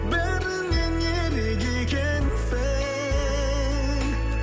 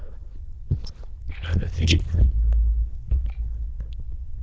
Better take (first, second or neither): first